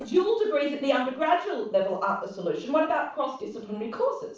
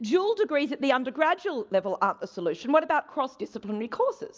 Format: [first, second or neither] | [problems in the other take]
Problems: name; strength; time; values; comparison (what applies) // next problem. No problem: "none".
second | noise reduction (neural separator model SepFormer DNS4)